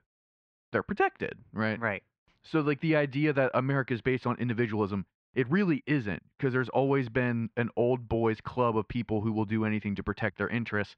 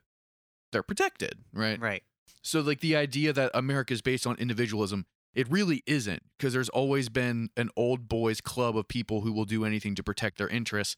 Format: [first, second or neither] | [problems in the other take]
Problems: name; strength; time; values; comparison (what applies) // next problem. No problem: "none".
second | muffled; very; fading above 2.5 kHz